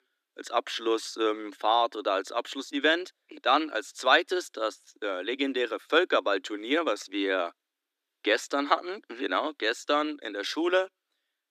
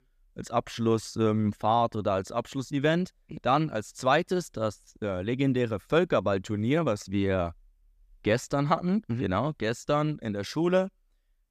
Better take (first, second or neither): second